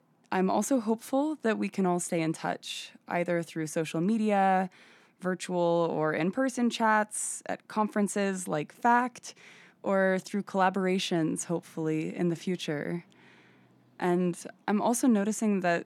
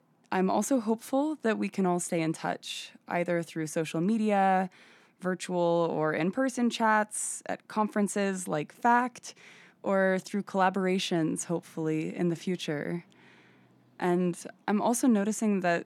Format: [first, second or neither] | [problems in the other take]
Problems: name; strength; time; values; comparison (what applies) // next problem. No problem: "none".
neither | none